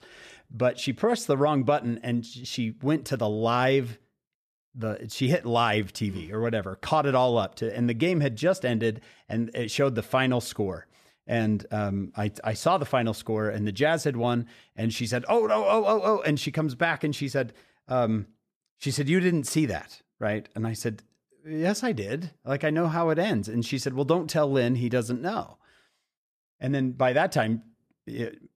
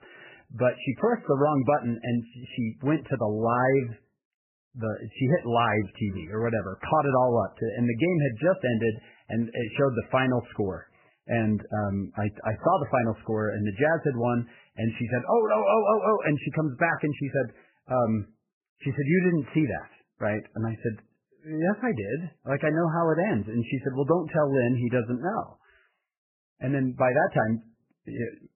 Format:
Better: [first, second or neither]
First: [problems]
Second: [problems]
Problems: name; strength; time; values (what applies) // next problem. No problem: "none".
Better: first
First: none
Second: garbled, watery; badly; nothing above 3 kHz